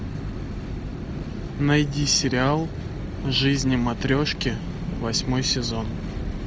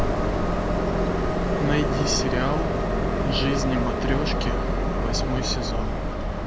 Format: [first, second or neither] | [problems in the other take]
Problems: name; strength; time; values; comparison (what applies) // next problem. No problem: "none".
first | background sound (Train); 5 dB above the speech